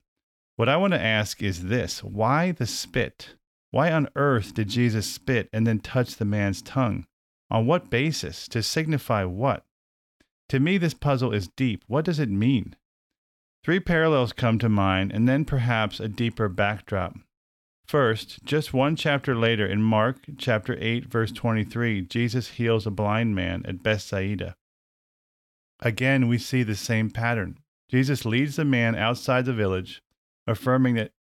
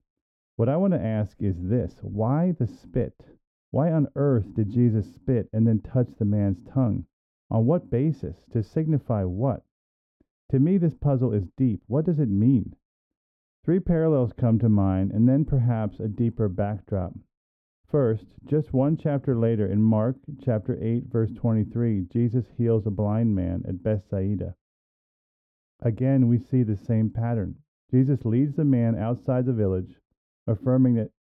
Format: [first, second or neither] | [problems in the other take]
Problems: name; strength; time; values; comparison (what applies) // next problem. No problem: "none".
first | muffled; very; fading above 1.5 kHz